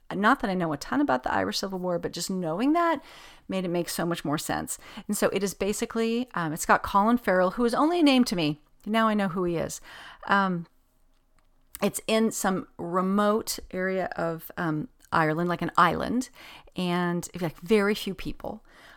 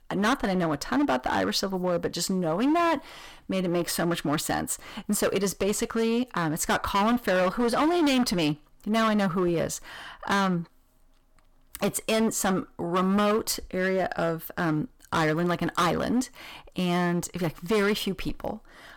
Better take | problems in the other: first | distortion; heavy; 12% of the sound clipped

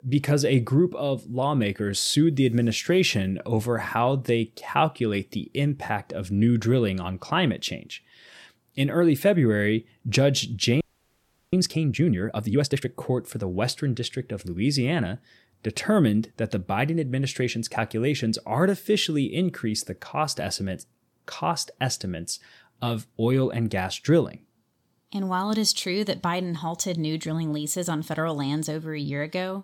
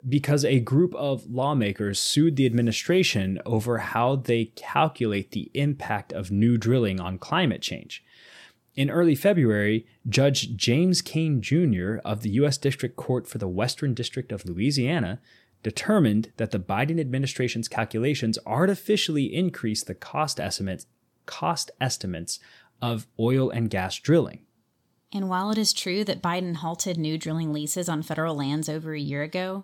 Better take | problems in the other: second | audio freezing; at 11 s for 0.5 s

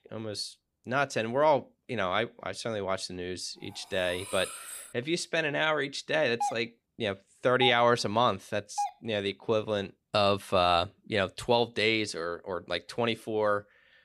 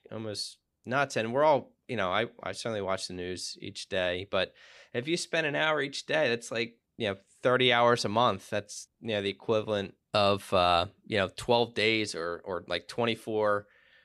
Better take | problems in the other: second | clattering dishes; noticeable; from 3.5 to 5 s; peak 9 dB below the speech // doorbell; noticeable; from 6.5 to 9 s; peak 5 dB below the speech

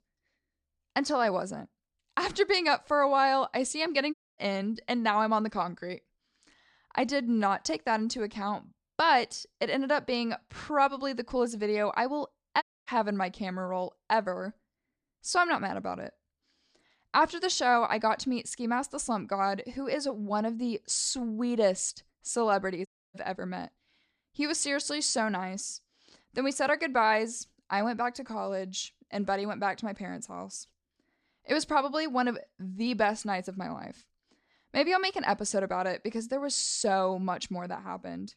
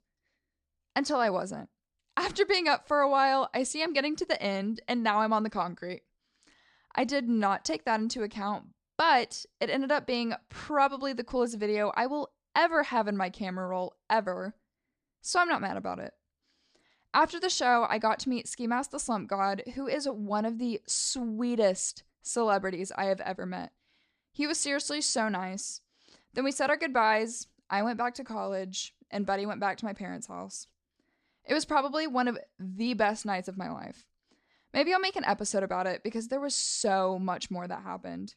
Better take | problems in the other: second | audio cutting out; at 4 s, at 13 s and at 23 s

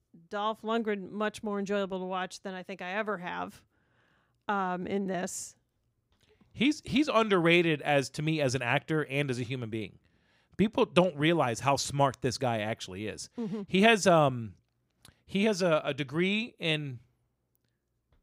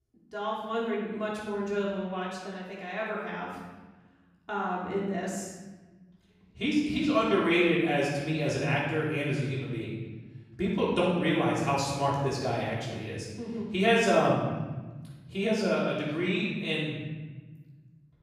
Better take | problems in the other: first | off-mic speech; far // room echo; noticeable; dies away in 1.4 s

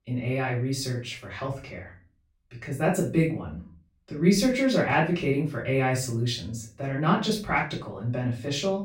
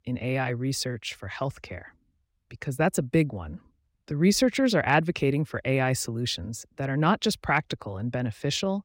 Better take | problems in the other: second | off-mic speech; far // room echo; slight; dies away in 0.3 s

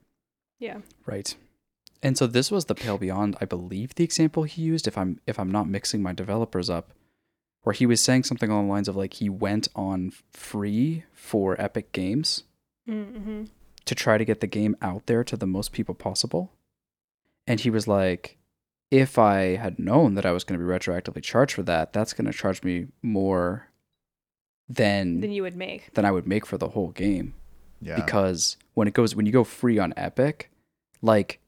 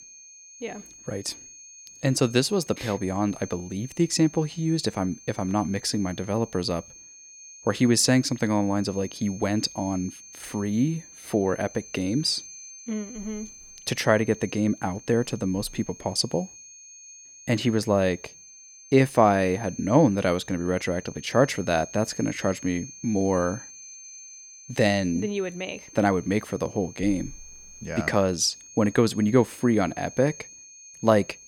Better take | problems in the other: first | high-pitched whine; noticeable; throughout; 6.5 kHz, 20 dB below the speech

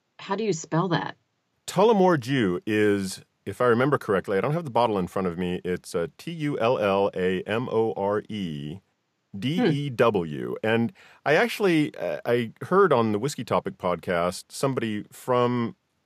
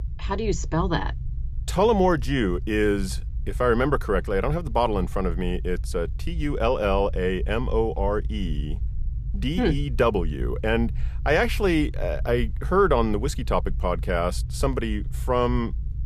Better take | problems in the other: first | low rumble; faint; throughout; 25 dB below the speech

